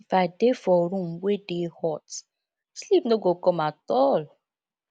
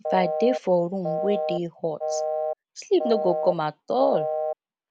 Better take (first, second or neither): first